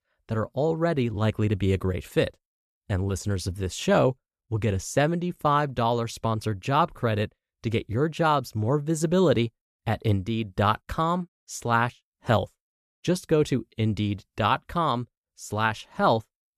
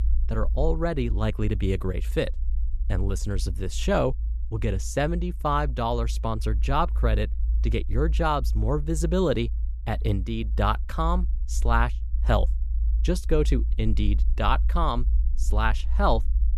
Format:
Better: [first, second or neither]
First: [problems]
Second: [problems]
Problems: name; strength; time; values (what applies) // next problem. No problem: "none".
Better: first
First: none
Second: low rumble; faint; throughout; 20 dB below the speech